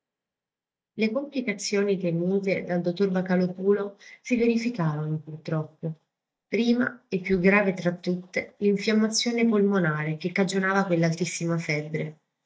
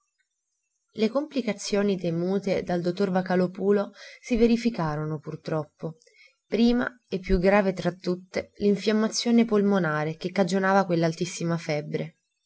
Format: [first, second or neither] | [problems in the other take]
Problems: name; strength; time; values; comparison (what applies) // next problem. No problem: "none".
second | noise reduction (neural mask model DeepFilterNet 3)